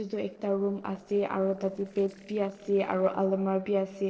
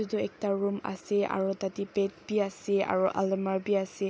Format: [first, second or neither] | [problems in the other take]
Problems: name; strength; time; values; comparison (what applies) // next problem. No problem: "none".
second | noise reduction (neural separator model SepFormer DNS4)